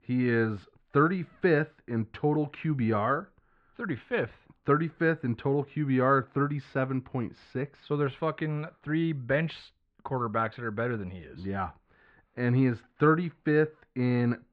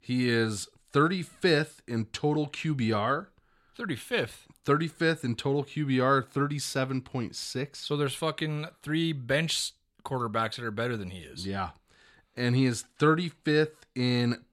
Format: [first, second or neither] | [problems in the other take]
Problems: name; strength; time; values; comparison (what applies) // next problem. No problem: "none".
second | muffled; very; fading above 2 kHz